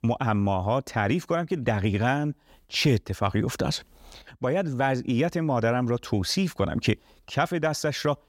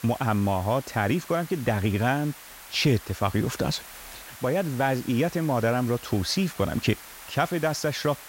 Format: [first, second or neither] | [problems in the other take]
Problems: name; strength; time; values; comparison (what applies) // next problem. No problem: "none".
first | hiss; noticeable; throughout; 15 dB below the speech